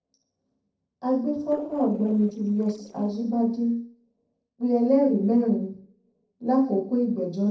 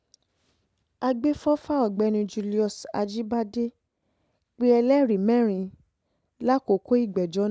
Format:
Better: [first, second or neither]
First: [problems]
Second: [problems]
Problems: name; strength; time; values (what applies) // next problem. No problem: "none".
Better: second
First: noise reduction (neural separator model SepFormer DNS4)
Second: none